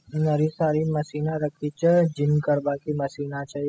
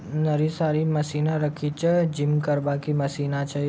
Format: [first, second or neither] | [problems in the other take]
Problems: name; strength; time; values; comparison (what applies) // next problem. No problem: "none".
second | noise reduction (classical method spectral subtraction)